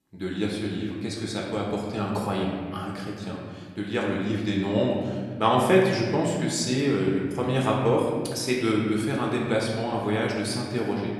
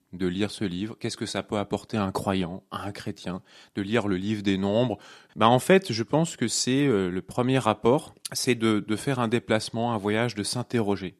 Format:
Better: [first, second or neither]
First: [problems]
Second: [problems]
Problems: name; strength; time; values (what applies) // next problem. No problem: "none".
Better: second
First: room echo; noticeable; dies away in 1.7 s // off-mic speech; somewhat distant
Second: none